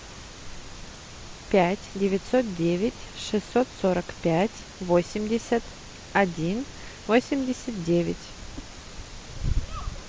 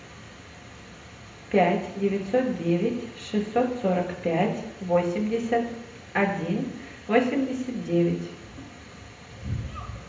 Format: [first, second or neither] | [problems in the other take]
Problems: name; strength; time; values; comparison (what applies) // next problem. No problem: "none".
first | room echo; dies away in 0.7 s